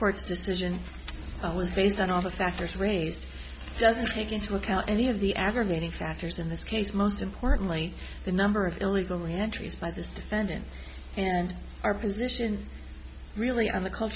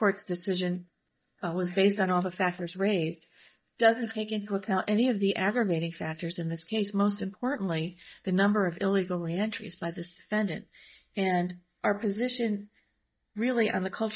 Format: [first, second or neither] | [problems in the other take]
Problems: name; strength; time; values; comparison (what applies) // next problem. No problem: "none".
first | noise reduction (neural mask model DeepFilterNet 3)